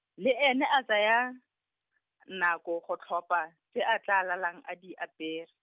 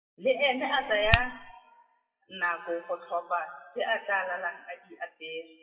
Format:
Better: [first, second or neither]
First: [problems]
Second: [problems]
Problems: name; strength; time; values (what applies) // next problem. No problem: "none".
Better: first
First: none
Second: noise reduction (classical method WPE with log-MMSE)